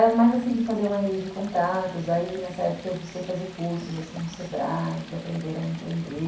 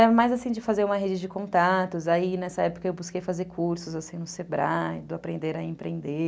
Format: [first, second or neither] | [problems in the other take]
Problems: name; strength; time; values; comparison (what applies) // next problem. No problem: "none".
second | background sound (Stream); 17 dB below the speech // room echo; dies away in 0.6 s